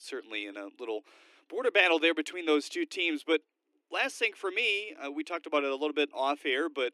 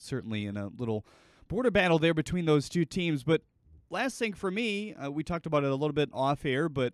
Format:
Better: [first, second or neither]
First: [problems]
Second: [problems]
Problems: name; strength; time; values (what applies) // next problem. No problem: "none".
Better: second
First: thin; somewhat; fading below 300 Hz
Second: none